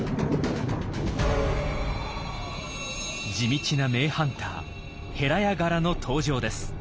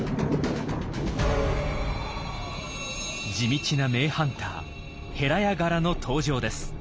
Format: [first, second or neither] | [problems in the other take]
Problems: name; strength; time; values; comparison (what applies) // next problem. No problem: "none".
second | background sound (Tabla + Bowed string instrument); 17 dB below the speech